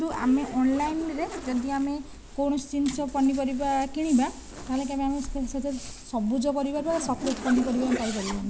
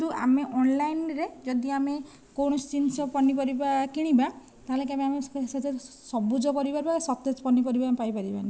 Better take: second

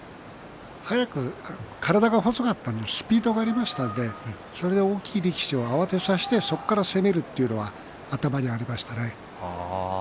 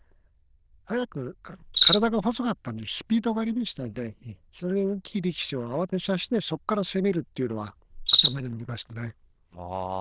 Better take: first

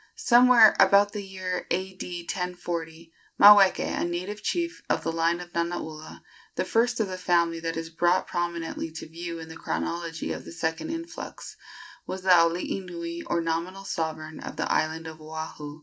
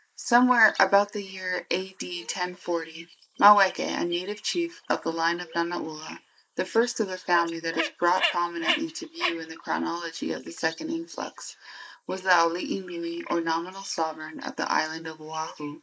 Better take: first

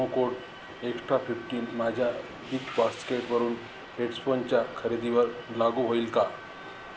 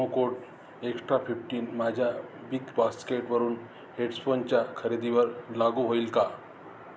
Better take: second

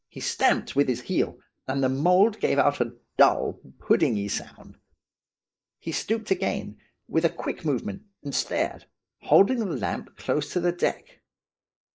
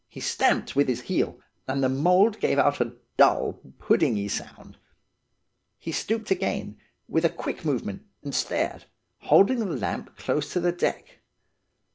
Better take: second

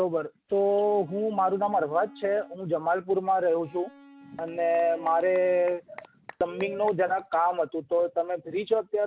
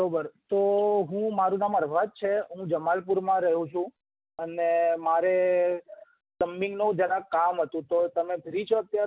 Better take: second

